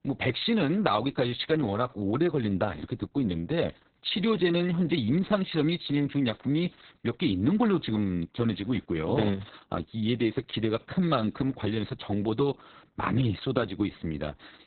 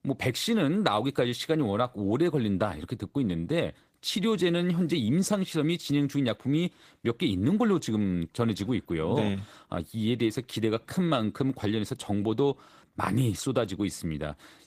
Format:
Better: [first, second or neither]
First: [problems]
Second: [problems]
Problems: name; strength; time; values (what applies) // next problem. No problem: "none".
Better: second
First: garbled, watery; badly; nothing above 4 kHz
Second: garbled, watery; slightly; nothing above 15 kHz